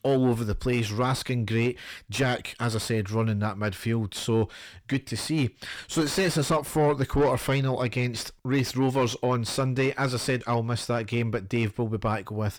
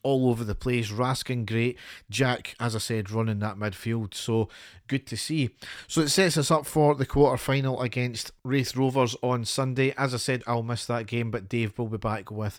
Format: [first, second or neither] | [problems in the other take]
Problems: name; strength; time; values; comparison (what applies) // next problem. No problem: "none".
second | distortion; slight; 9 dB below the speech